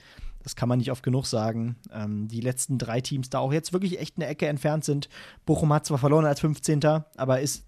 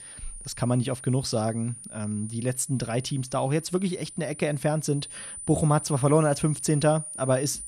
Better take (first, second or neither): first